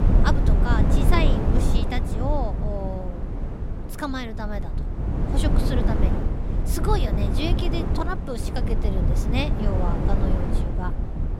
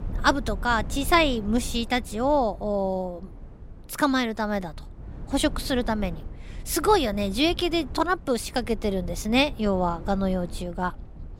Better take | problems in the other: second | wind noise on the microphone; heavy; 2 dB below the speech; occasional gusts in the second

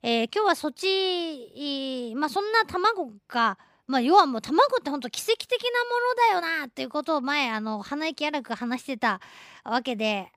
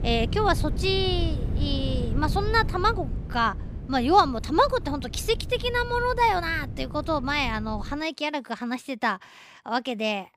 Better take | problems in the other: first | wind noise on the microphone; occasional gusts; until 8 s; 20 dB below the speech

